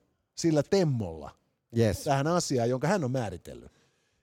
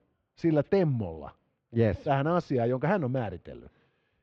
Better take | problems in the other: first | muffled; very; fading above 3 kHz

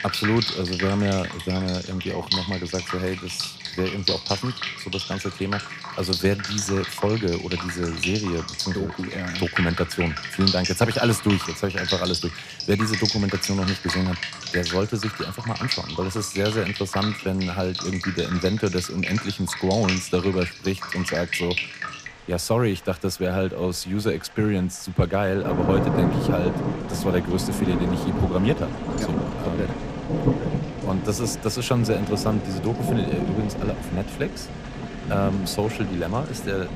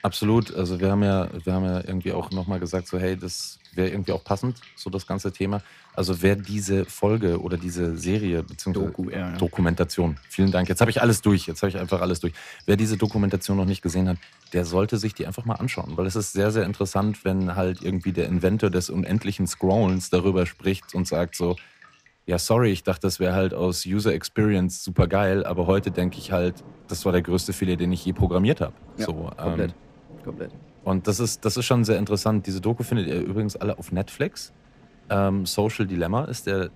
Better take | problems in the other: second | rain or running water; loud; throughout; 3 dB below the speech; faint in the second

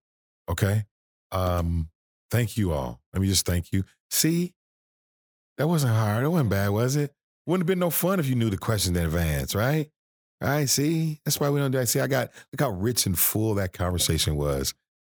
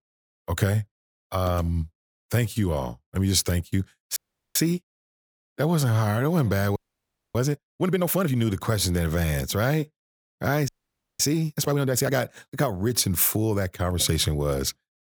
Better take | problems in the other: first | audio freezing; at 4 s, at 7 s for 0.5 s and at 11 s for 0.5 s

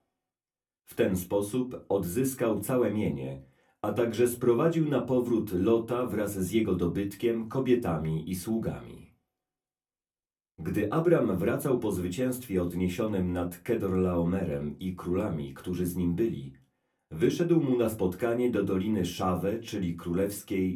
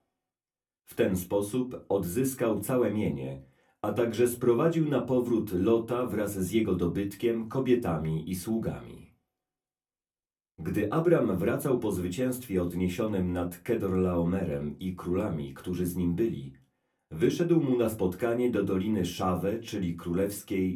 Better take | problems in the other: neither | off-mic speech; far; the same in both // room echo; very slight; dies away in 0.2 s; the same in both

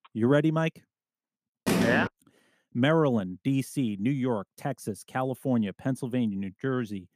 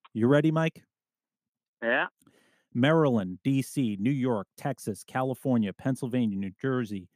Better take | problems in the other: second | phone ringing; loud; at 1.5 s; peak 3 dB above the speech

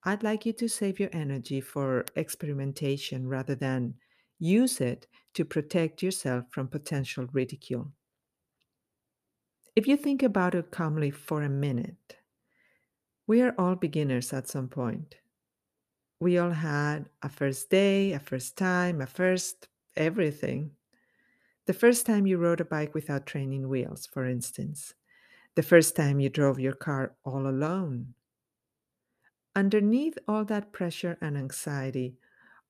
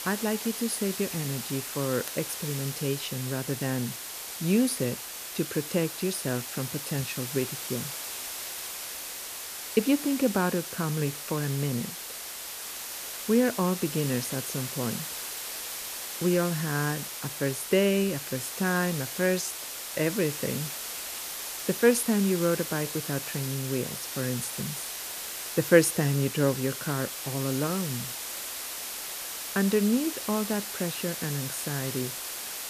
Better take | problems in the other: first | hiss; loud; throughout; 5 dB below the speech

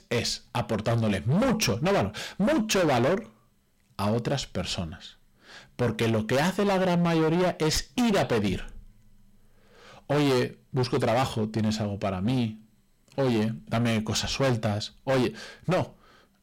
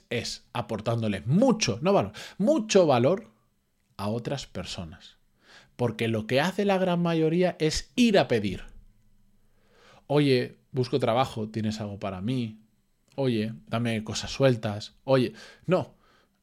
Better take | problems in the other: second | distortion; heavy; 17% of the sound clipped

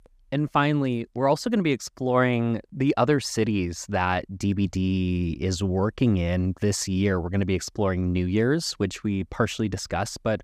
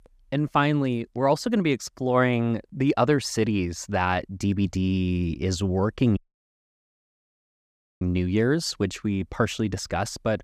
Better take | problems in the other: first | audio cutting out; at 6 s for 2 s

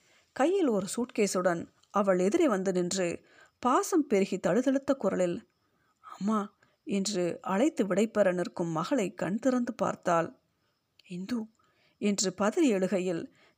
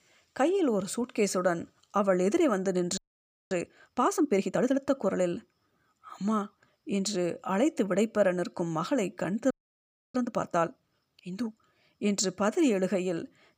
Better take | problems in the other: first | audio freezing; at 3 s for 0.5 s and at 9.5 s for 0.5 s

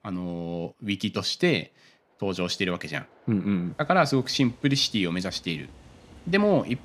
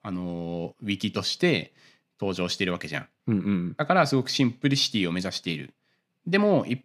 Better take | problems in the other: second | train or aircraft noise; faint; throughout; 25 dB below the speech

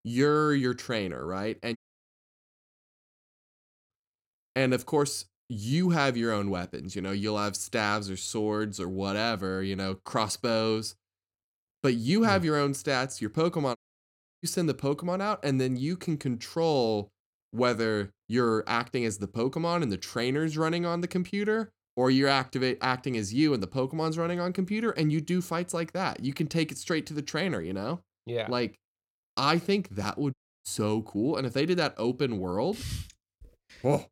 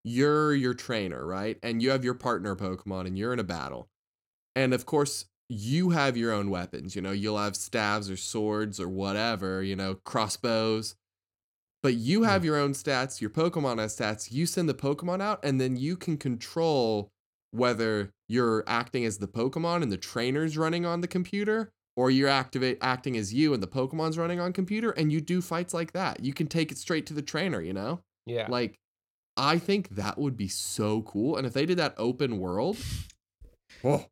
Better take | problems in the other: second | audio cutting out; at 2 s for 2 s, at 14 s for 0.5 s and at 30 s

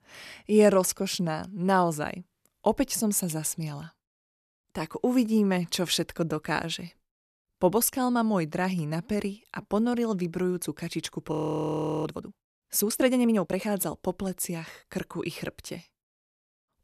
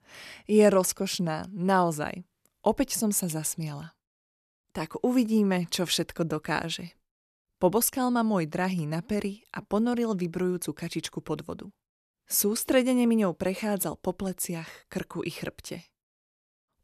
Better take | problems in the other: second | audio freezing; at 11 s for 0.5 s

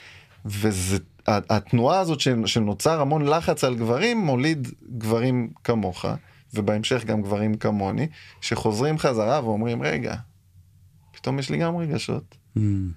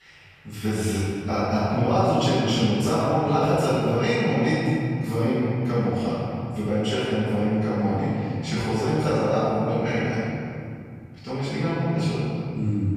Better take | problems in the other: first | off-mic speech; far // room echo; strong; dies away in 2.5 s

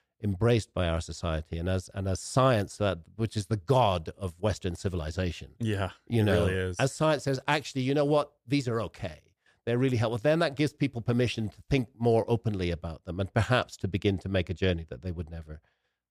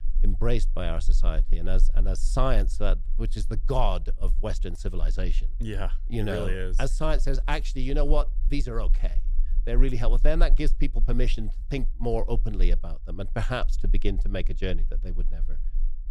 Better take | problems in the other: first | low rumble; faint; throughout; 25 dB below the speech

